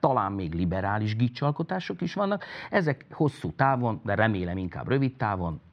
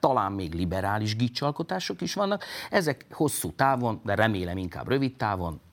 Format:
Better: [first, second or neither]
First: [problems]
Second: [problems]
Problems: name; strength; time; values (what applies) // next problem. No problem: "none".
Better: second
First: muffled; slightly; fading above 2.5 kHz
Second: none